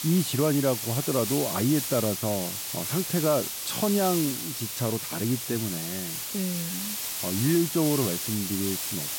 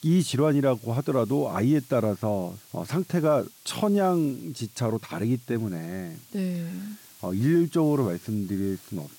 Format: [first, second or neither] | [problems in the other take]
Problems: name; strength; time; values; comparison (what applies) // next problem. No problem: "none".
second | hiss; loud; throughout; 2 dB below the speech; faint in the second